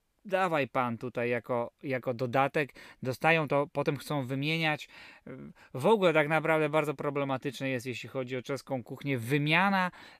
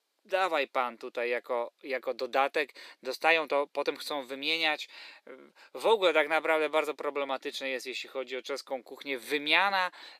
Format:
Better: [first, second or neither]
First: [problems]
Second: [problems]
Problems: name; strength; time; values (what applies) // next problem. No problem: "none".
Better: first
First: none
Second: thin; somewhat; fading below 350 Hz